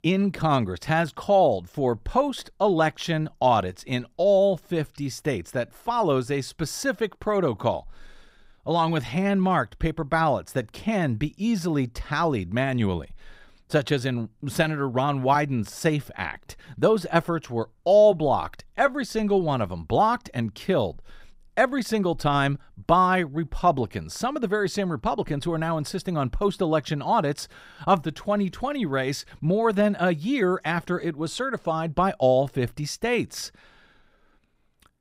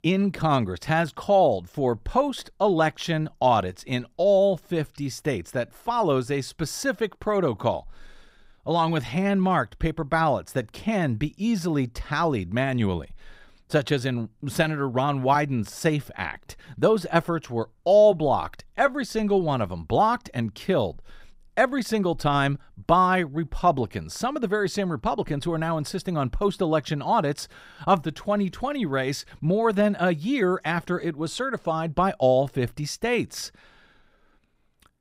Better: neither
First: none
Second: none

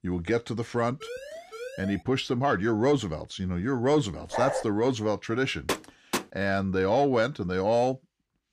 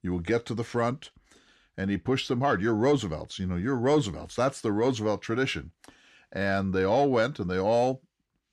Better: second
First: siren; faint; from 1 to 2 s; peak 10 dB below the speech // dog barking; noticeable; at 4.5 s; peak 3 dB below the speech // door banging; noticeable; at 5.5 s; peak 5 dB below the speech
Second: none

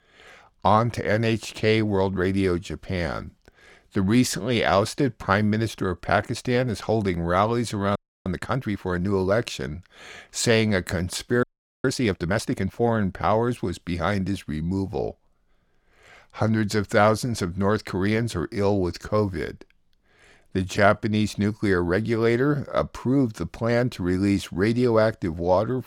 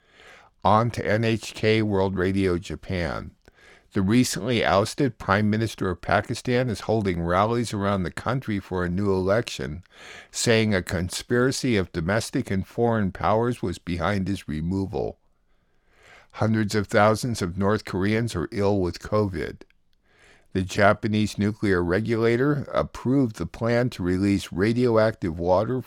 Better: second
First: audio freezing; at 8 s and at 11 s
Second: none

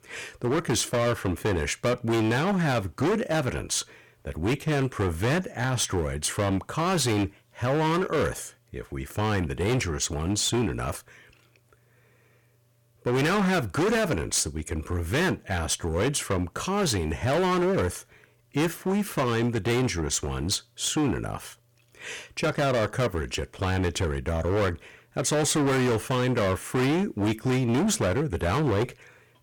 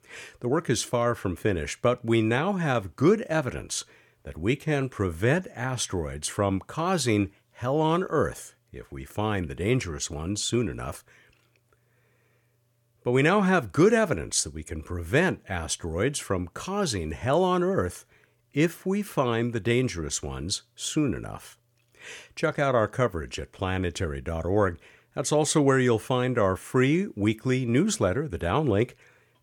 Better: second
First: distortion; heavy; 18% of the sound clipped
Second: none

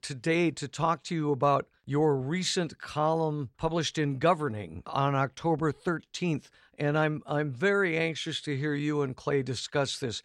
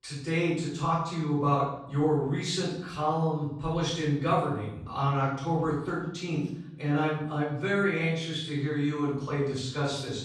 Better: first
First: none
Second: off-mic speech; far // room echo; noticeable; dies away in 0.7 s

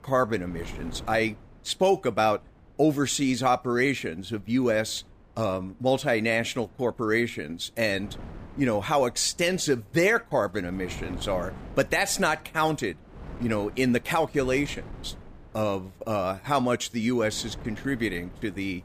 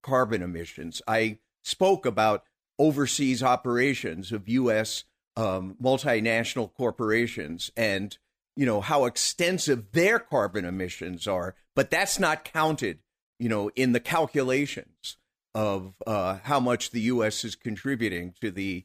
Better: second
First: wind noise on the microphone; occasional gusts; 25 dB below the speech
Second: none

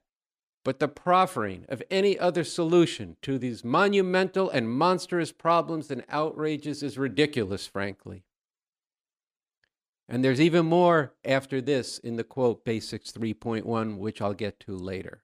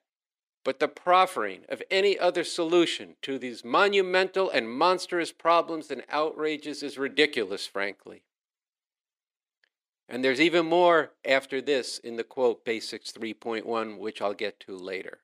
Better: first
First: none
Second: thin; somewhat; fading below 400 Hz

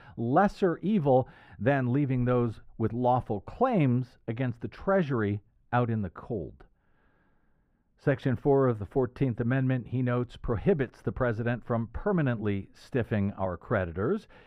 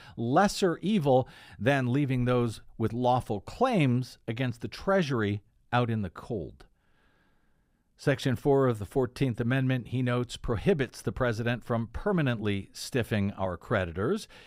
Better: second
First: muffled; very; fading above 3 kHz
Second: none

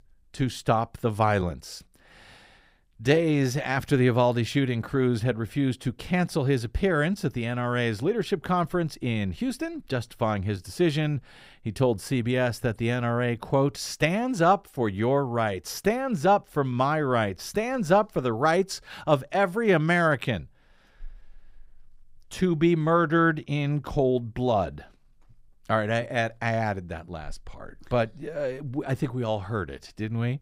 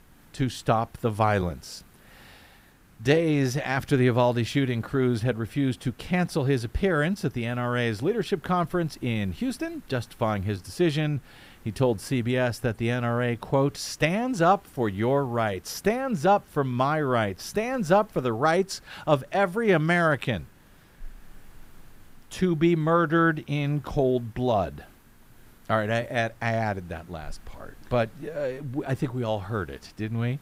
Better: first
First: none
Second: hiss; faint; throughout; 30 dB below the speech

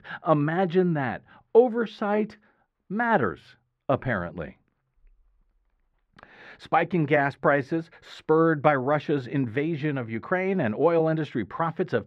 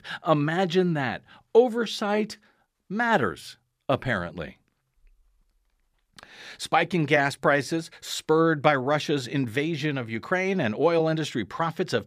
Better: second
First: muffled; very; fading above 4 kHz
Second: none

